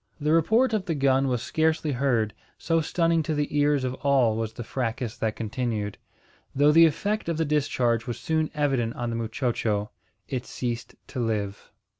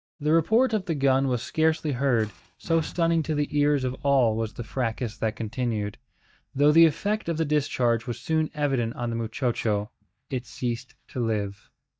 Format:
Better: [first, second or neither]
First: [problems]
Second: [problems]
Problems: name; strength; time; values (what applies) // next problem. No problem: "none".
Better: first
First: none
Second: noise reduction (neural mask model DeepFilterNet 3)